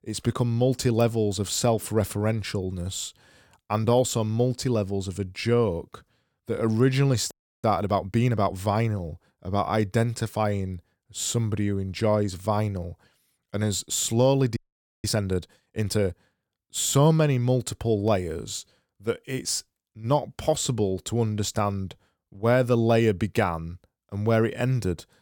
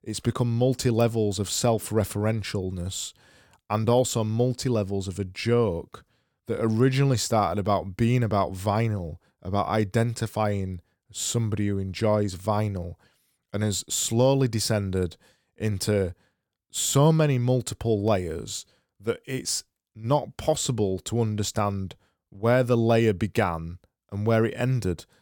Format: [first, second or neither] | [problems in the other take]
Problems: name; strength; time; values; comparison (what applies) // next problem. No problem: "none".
second | audio freezing; at 7.5 s and at 15 s